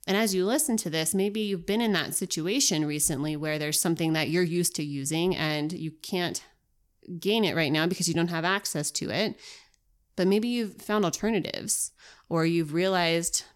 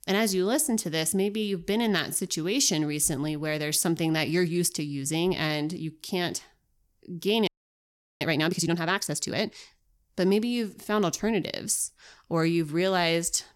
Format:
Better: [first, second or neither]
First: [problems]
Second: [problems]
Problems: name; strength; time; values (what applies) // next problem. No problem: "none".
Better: first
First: none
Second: audio freezing; at 7.5 s for 0.5 s